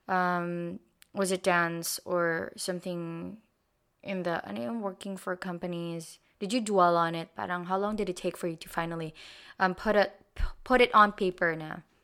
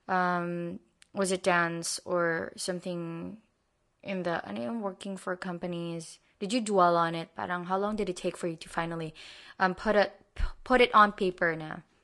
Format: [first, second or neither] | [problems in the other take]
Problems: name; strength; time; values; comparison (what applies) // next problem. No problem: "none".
first | garbled, watery; slightly; nothing above 10.5 kHz